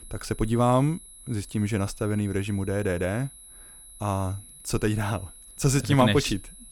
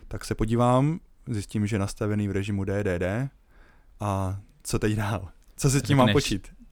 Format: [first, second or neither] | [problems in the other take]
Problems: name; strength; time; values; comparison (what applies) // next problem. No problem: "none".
second | high-pitched whine; noticeable; throughout; 10.5 kHz, 20 dB below the speech